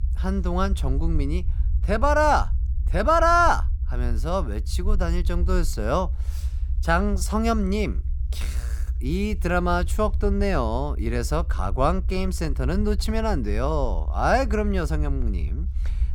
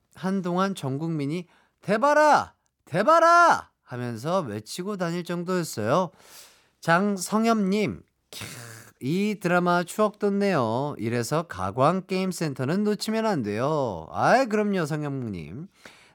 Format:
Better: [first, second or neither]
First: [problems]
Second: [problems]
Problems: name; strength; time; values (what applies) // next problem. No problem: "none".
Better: second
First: low rumble; faint; throughout; 25 dB below the speech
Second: none